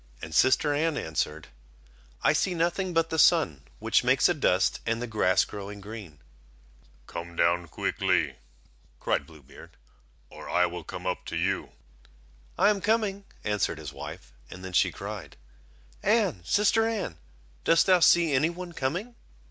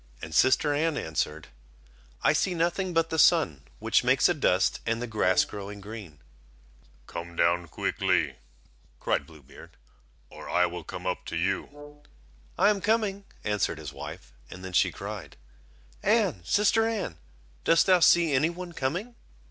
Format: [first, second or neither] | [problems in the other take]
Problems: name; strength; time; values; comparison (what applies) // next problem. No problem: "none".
first | background sound (Brass instrument); 17 dB below the speech